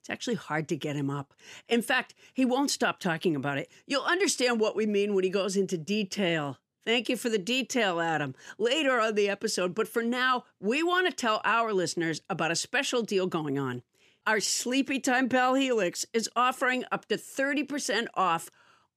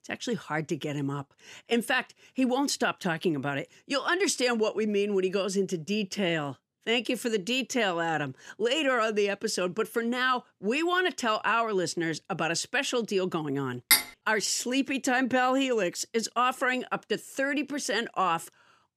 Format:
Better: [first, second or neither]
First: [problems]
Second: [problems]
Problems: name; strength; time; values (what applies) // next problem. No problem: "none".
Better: first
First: none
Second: clattering dishes; loud; at 14 s; peak 6 dB above the speech